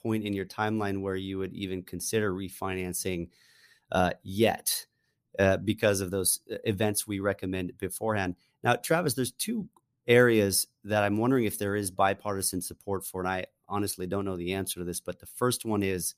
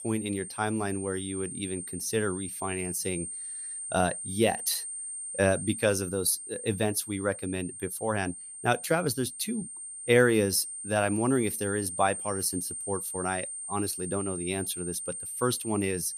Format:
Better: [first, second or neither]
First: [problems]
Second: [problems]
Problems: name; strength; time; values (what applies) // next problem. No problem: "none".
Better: first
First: none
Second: high-pitched whine; loud; throughout; 8.5 kHz, 6 dB below the speech